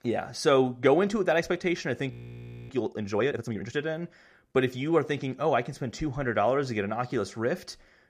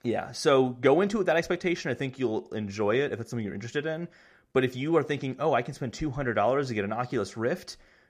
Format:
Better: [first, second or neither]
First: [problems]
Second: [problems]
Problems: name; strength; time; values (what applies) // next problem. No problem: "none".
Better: second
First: audio freezing; at 2 s for 0.5 s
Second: none